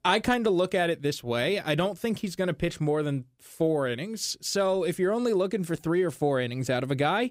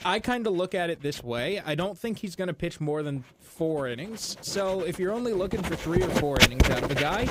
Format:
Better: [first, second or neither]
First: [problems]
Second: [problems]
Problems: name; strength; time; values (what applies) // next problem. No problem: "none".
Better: first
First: none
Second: household noises; very loud; throughout; 5 dB above the speech